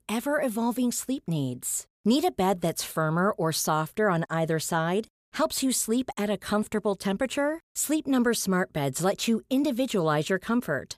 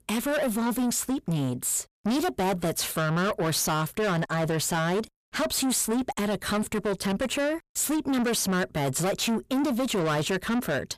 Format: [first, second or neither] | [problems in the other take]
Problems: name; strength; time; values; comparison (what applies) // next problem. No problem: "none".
first | distortion; heavy; 7 dB below the speech